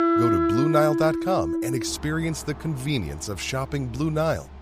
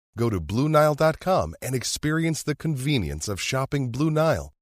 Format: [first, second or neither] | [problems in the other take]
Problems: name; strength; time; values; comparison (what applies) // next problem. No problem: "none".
second | background music; very loud; throughout; 2 dB above the speech